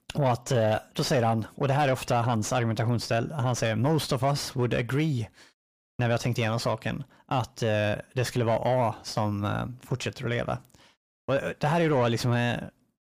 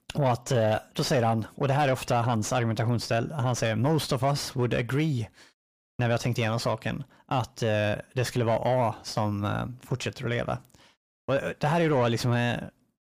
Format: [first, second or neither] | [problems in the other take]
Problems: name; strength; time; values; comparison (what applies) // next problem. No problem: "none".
neither | distortion; slight; 10 dB below the speech; the same in both